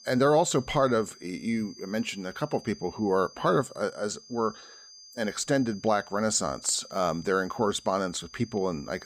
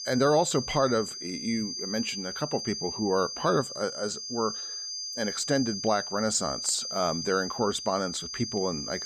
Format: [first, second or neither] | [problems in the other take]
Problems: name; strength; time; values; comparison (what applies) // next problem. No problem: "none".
first | high-pitched whine; loud; throughout; 5 kHz, 5 dB below the speech; faint in the first